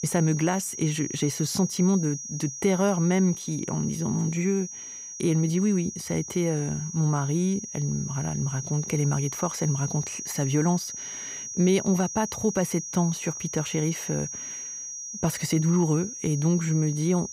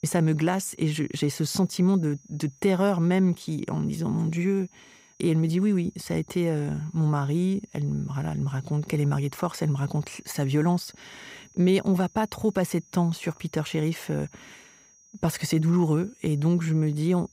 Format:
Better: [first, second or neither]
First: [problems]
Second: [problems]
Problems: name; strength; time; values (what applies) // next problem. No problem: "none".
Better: second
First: high-pitched whine; loud; throughout; 6 kHz, 8 dB below the speech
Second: high-pitched whine; faint; throughout; 6 kHz, 30 dB below the speech